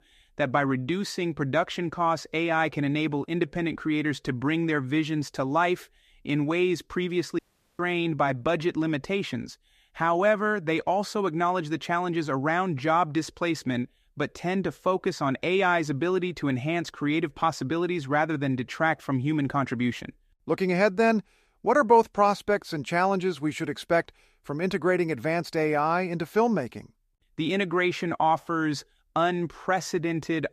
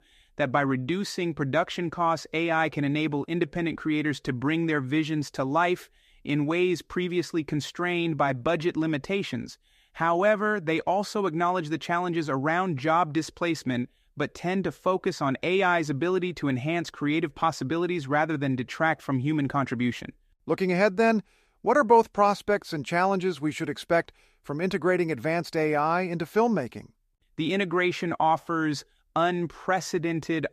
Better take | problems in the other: second | audio cutting out; at 7.5 s

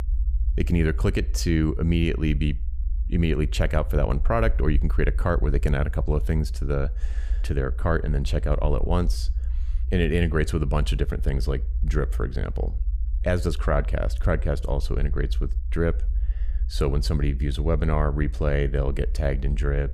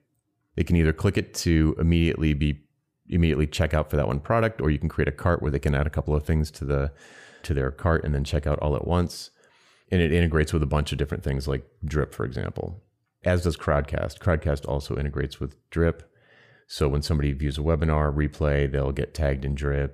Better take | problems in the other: second | low rumble; faint; throughout; 20 dB below the speech

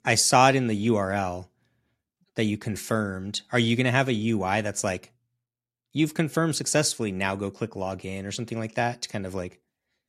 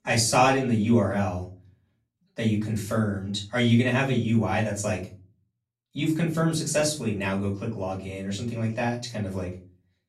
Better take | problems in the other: first | off-mic speech; far // room echo; slight; dies away in 0.4 s

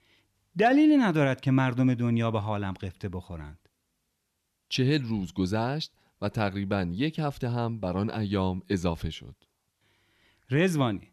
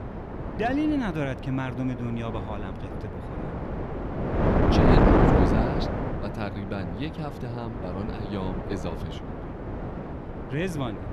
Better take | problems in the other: first | wind noise on the microphone; heavy; 3 dB above the speech

